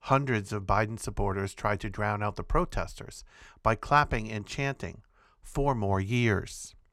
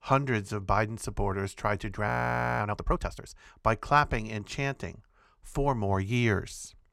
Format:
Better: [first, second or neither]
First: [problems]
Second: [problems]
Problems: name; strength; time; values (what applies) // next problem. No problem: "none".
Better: first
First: none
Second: audio freezing; at 2 s for 0.5 s